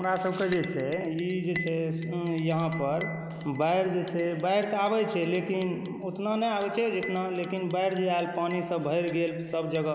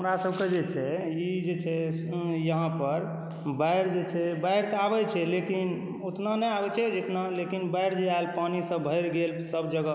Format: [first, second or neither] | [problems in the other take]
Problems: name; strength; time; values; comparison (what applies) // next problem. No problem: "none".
second | background sound (Chink, clink); 17 dB below the speech